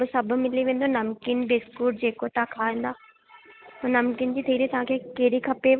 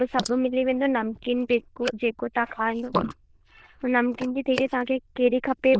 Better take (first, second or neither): first